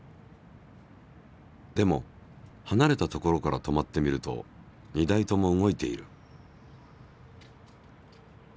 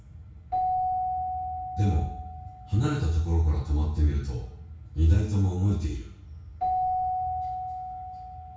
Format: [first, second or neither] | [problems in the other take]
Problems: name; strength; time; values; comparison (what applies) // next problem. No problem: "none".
first | background sound (Keyboard (musical)); 5 dB below the speech // room echo; dies away in 0.6 s